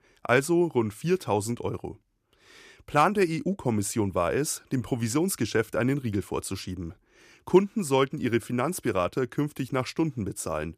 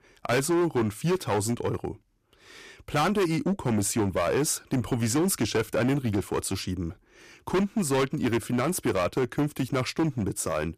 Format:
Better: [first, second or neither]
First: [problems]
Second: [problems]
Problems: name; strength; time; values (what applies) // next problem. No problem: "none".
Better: first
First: none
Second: distortion; heavy; 13% of the sound clipped